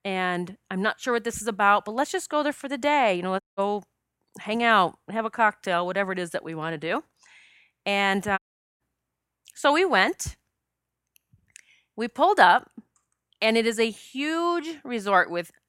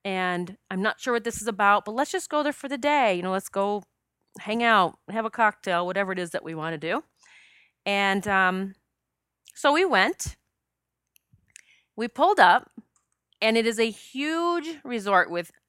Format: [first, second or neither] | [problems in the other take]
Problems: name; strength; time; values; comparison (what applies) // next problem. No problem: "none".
second | audio cutting out; at 3.5 s and at 8.5 s